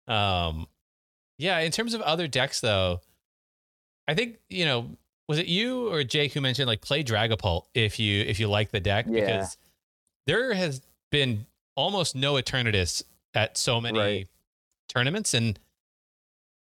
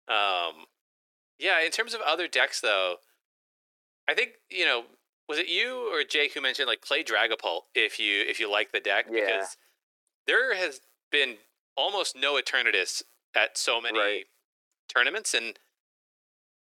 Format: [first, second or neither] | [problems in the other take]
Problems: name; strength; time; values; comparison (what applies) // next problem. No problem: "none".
first | thin; very; fading below 350 Hz